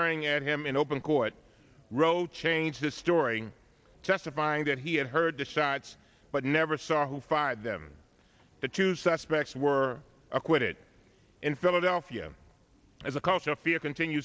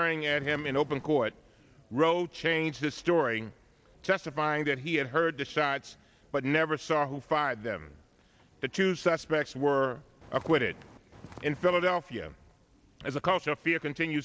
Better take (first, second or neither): first